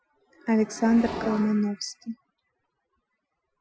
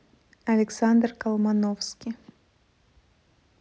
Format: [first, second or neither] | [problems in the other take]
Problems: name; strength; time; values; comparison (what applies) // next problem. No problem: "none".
second | noise reduction (classical method Wiener filter)